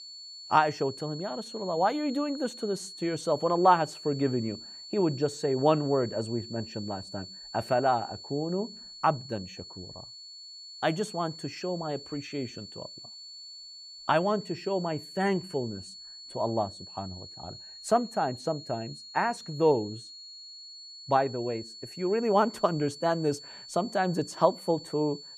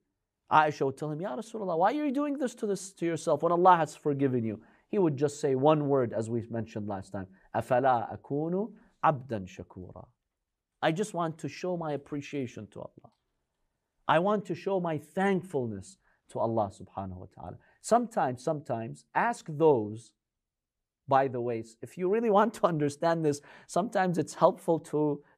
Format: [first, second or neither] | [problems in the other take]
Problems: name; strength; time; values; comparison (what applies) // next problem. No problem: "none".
second | high-pitched whine; noticeable; throughout; 4.5 kHz, 15 dB below the speech